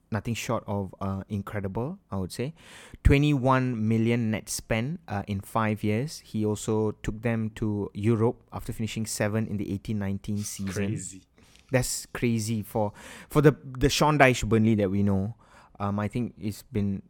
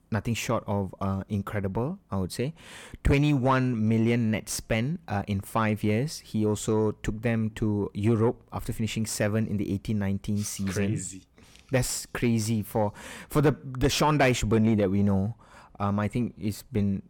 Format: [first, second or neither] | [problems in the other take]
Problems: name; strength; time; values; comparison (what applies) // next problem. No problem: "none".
first | distortion; slight; 10 dB below the speech